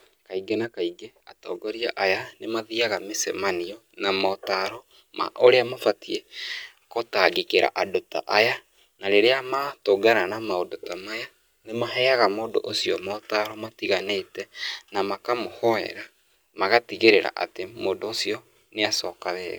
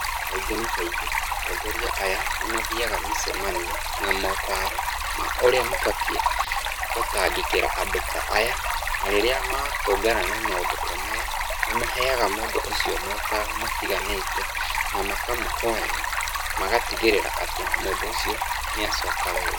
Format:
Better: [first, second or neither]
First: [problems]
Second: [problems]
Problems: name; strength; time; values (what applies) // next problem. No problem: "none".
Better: first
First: none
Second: background sound (Stream); 2 dB above the speech